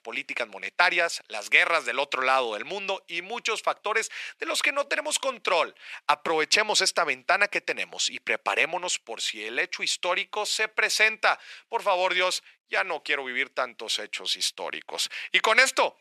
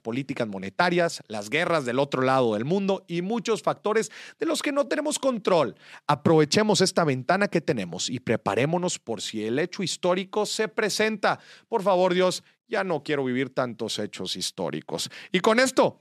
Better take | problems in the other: second | thin; very; fading below 750 Hz

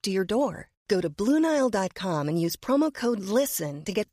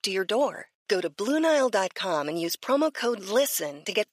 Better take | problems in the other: first | thin; somewhat; fading below 350 Hz

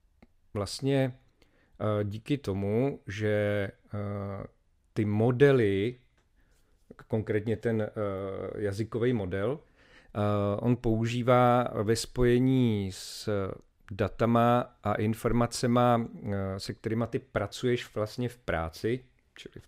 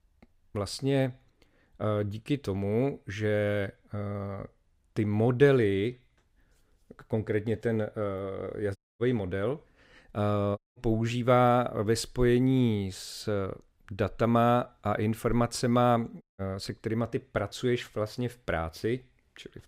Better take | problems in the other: first | audio cutting out; at 9 s, at 11 s and at 16 s

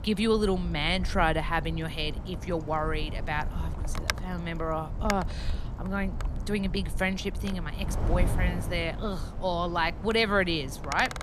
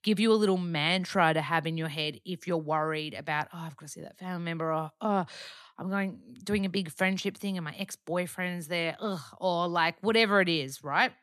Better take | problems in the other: second | wind noise on the microphone; occasional gusts; 10 dB below the speech

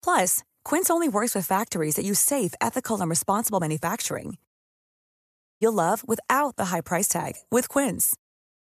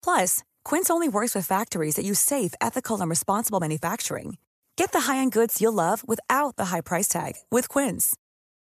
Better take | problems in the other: second | audio cutting out; at 4.5 s for 1 s

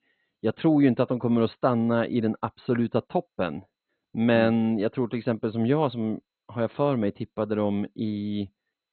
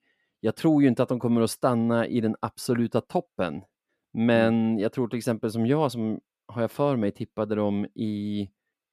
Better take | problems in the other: second | garbled, watery; badly; nothing above 4 kHz

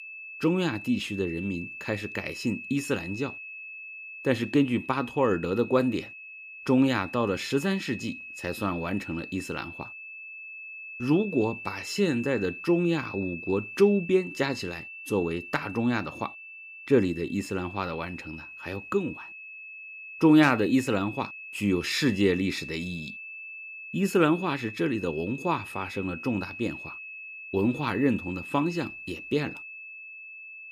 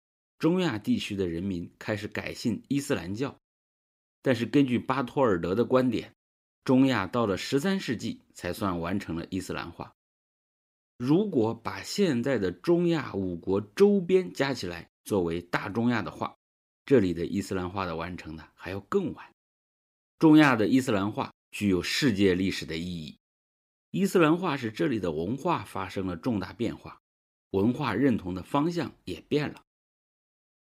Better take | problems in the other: second | high-pitched whine; noticeable; throughout; 2.5 kHz, 10 dB below the speech

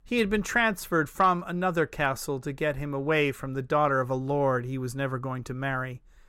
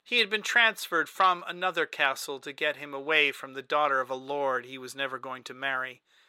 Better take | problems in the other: first | thin; somewhat; fading below 400 Hz

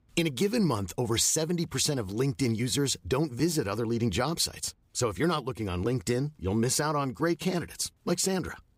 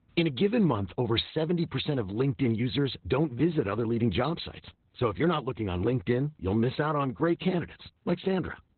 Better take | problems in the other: first | garbled, watery; badly; nothing above 4 kHz

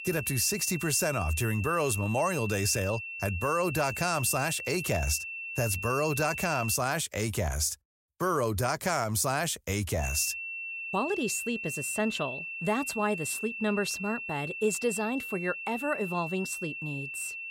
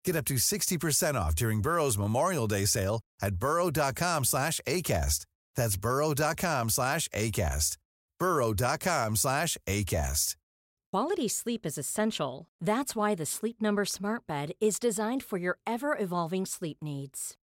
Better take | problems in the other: second | high-pitched whine; loud; until 7 s and from 10 s on; 2.5 kHz, 6 dB below the speech

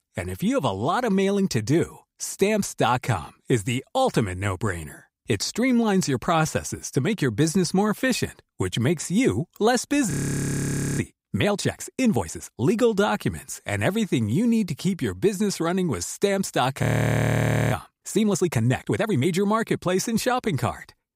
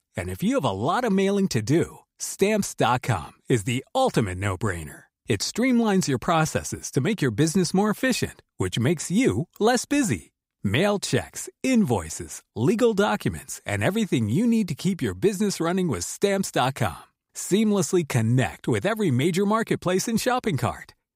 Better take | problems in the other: second | audio freezing; at 10 s for 1 s and at 17 s for 1 s

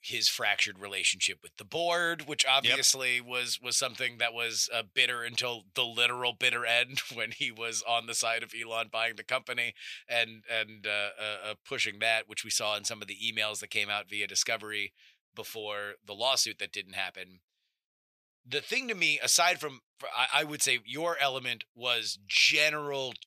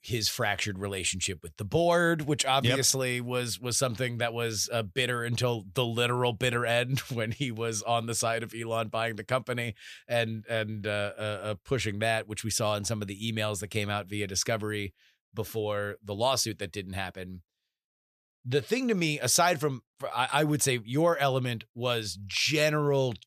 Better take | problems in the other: second | thin; somewhat; fading below 750 Hz

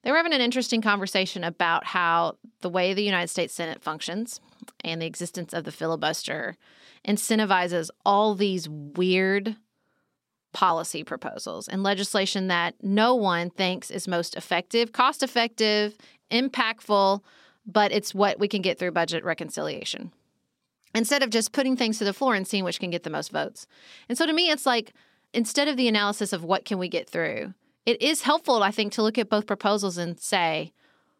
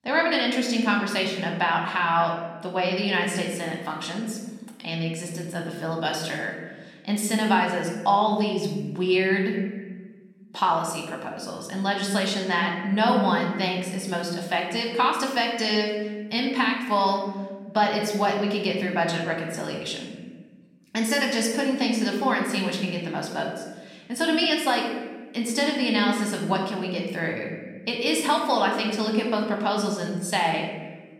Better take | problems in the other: first | room echo; noticeable; dies away in 1.2 s // off-mic speech; somewhat distant

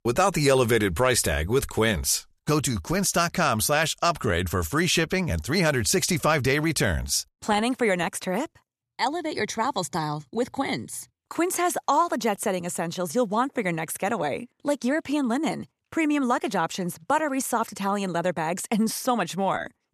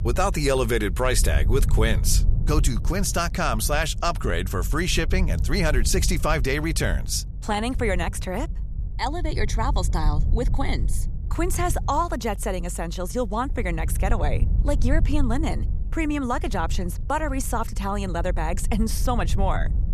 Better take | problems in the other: first | low rumble; noticeable; throughout; 20 dB below the speech

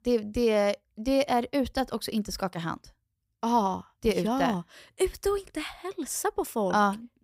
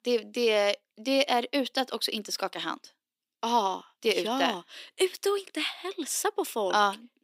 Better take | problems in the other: first | thin; very slightly; fading below 300 Hz

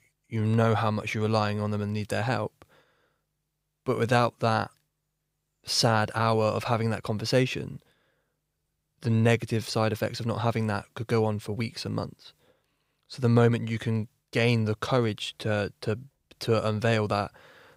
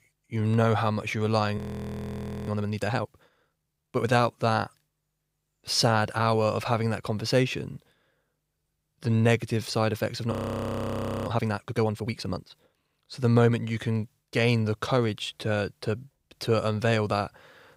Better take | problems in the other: first | audio freezing; at 1.5 s for 1 s and at 10 s for 1 s

